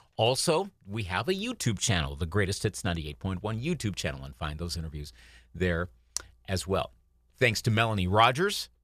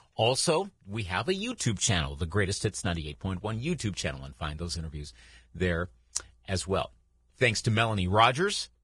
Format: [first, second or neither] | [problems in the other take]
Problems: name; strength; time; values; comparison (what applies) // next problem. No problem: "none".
first | garbled, watery; badly; nothing above 10 kHz